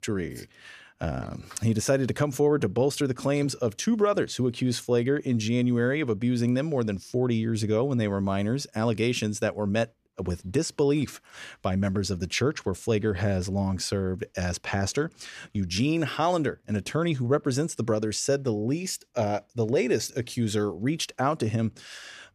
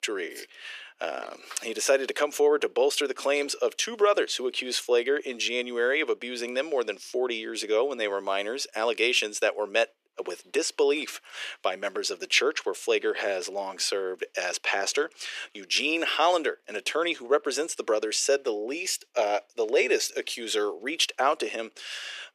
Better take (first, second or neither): first